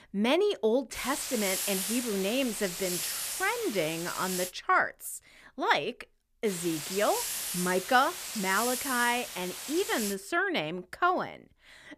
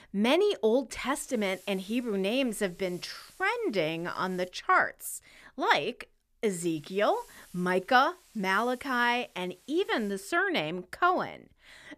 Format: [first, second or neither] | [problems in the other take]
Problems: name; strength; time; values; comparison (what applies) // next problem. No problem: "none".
second | hiss; loud; from 1 to 4.5 s and from 6.5 to 10 s; 4 dB below the speech; faint in the second